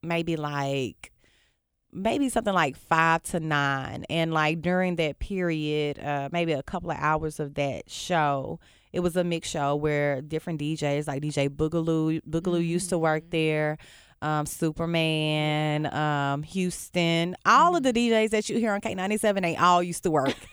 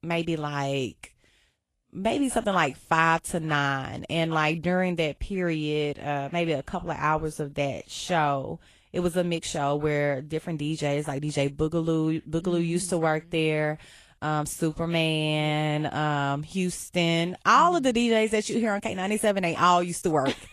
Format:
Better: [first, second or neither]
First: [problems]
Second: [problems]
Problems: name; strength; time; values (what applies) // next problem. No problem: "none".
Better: first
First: none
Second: garbled, watery; slightly; nothing above 12 kHz